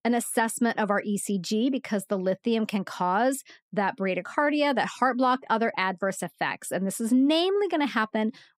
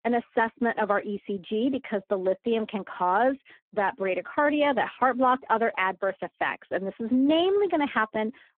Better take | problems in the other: first | phone-call audio; poor line

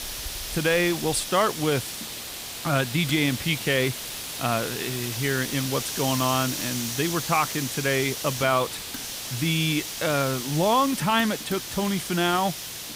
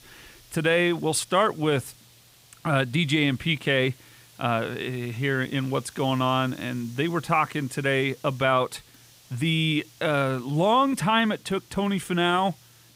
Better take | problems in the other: second | hiss; loud; throughout; 6 dB below the speech; faint in the second

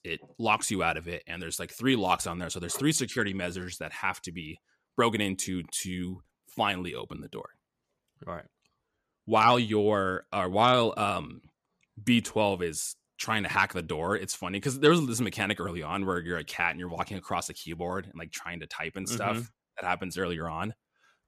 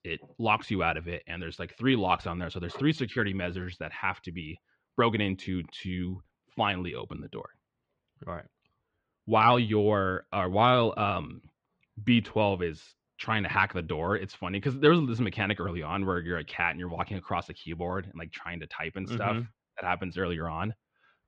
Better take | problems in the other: first | muffled; very; fading above 3.5 kHz

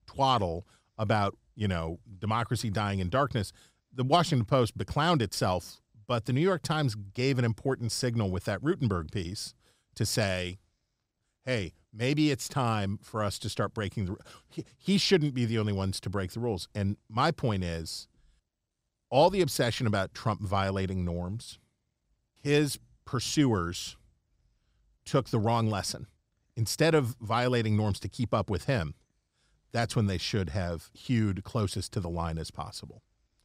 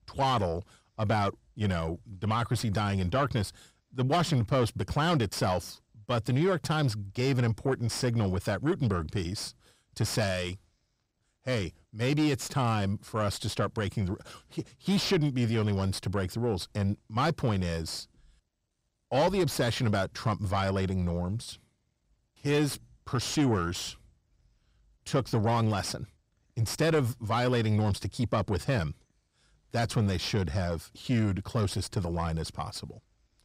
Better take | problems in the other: first | distortion; slight; 10 dB below the speech

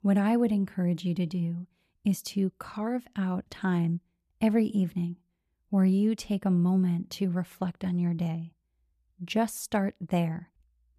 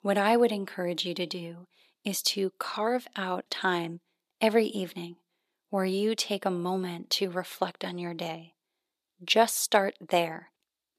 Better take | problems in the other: first | thin; very; fading below 350 Hz

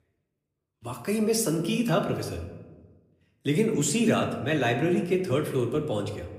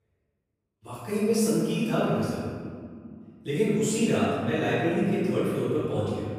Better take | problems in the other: first | room echo; strong; dies away in 1.9 s; slight in the first // off-mic speech; far

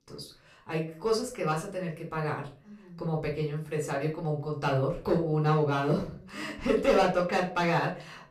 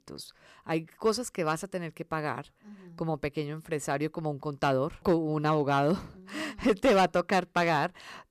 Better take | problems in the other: second | off-mic speech; far // room echo; slight; dies away in 0.3 s

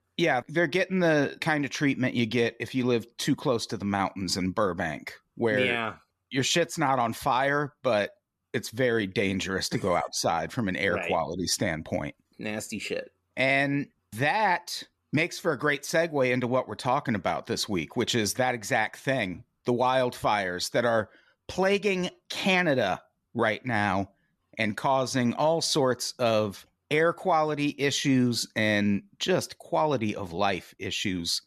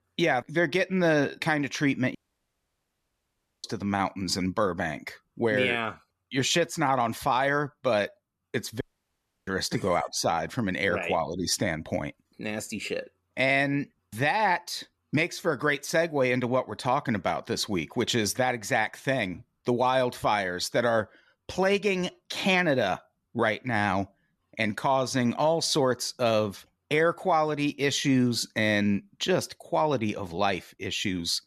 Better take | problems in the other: first | audio cutting out; at 2 s for 1.5 s and at 9 s for 0.5 s

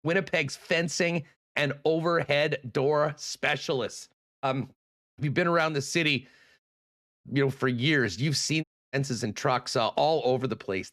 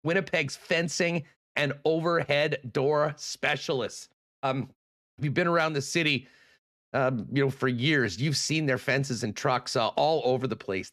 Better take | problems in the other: second | audio cutting out; at 7 s and at 8.5 s

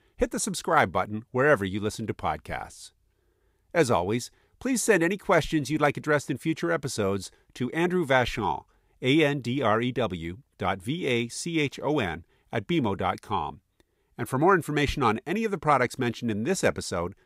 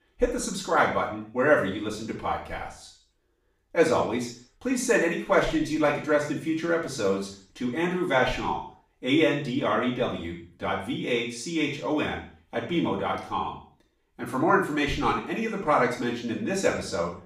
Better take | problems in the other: first | room echo; noticeable; dies away in 0.5 s // off-mic speech; far

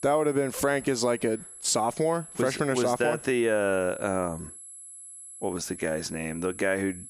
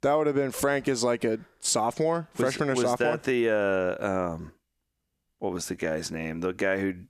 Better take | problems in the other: second | high-pitched whine; noticeable; throughout; 11 kHz, 15 dB below the speech

